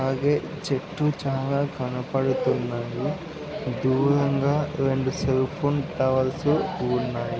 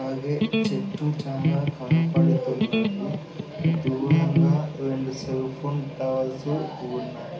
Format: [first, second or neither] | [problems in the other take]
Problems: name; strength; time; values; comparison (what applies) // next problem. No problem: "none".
first | background sound (Electric guitar); 5 dB above the speech // room echo; dies away in 0.4 s